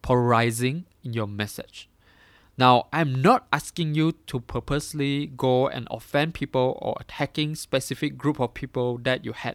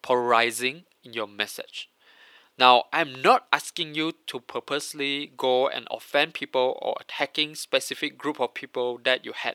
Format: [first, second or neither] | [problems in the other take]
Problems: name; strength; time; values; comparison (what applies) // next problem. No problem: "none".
first | thin; somewhat; fading below 450 Hz